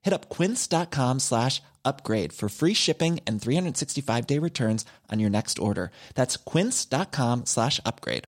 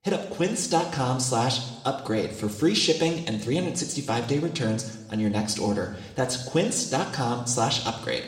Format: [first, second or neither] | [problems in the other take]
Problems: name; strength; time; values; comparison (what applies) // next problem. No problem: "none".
first | room echo; slight; dies away in 0.8 s